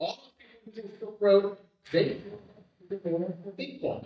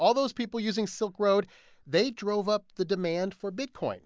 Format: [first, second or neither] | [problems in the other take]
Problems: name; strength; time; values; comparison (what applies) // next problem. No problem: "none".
second | noise reduction (neural mask model DeepFilterNet 3)